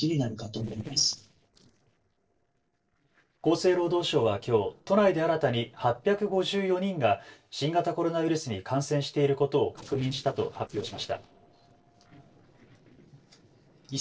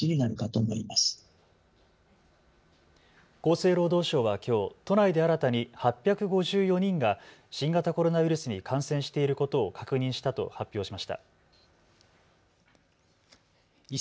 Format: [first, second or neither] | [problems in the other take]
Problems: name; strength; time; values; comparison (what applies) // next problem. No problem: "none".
second | noise reduction (neural separator model SepFormer DNS4)